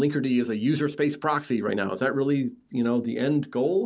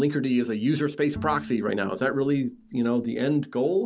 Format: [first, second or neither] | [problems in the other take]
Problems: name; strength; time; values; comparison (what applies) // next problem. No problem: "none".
first | background sound (Bowed string instrument); 16 dB below the speech